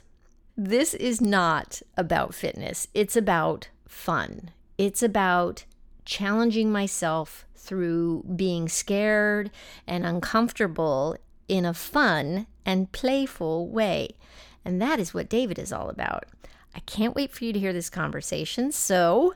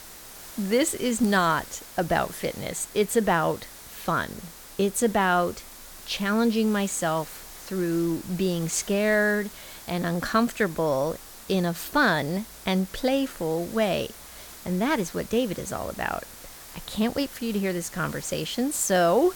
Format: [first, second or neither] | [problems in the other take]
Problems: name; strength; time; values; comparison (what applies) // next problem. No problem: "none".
first | hiss; noticeable; throughout; 15 dB below the speech